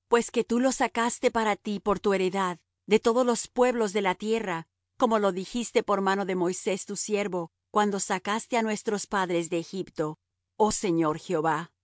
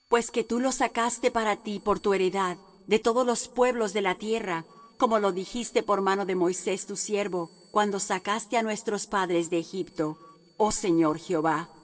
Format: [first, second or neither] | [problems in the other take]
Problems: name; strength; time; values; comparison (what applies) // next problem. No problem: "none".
first | noise reduction (neural separator model SepFormer DNS4)